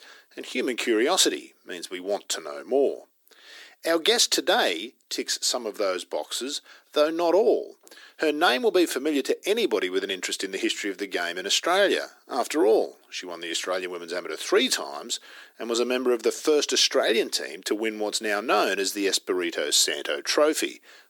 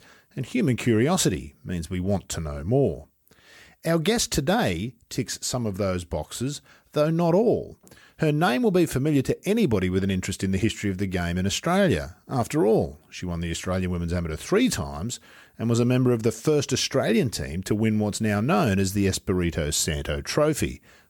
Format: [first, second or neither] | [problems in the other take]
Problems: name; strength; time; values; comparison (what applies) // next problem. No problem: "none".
second | thin; somewhat; fading below 300 Hz